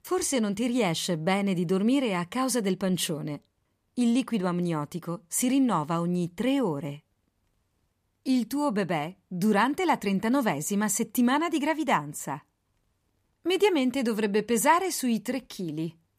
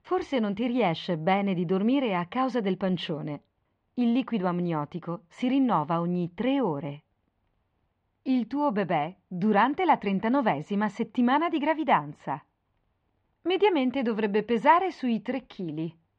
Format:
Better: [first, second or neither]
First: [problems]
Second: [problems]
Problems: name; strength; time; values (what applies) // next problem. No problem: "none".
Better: first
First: none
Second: muffled; very; fading above 3.5 kHz